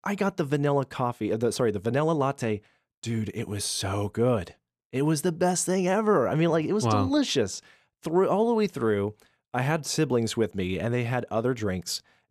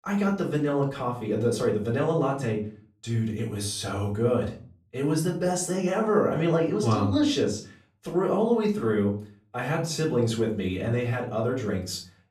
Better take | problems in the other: first | off-mic speech; far // room echo; slight; dies away in 0.4 s

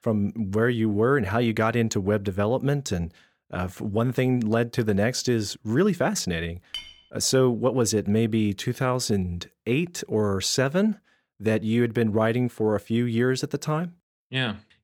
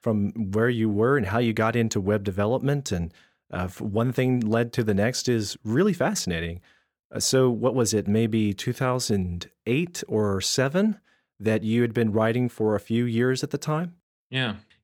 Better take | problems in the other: second | clattering dishes; faint; at 6.5 s; peak 10 dB below the speech

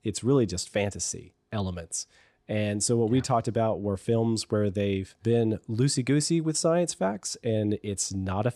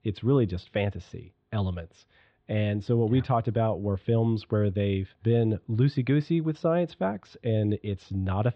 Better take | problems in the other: first | muffled; very; fading above 3.5 kHz

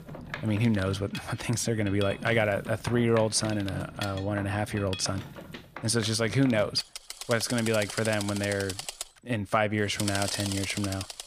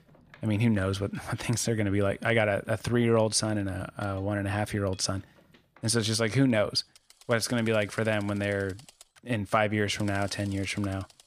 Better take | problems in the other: second | machinery noise; loud; throughout; 10 dB below the speech; faint in the second

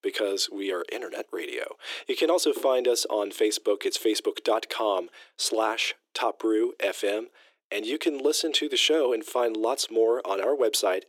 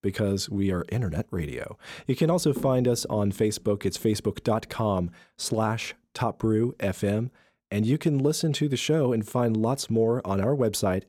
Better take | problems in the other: second | thin; very; fading below 300 Hz

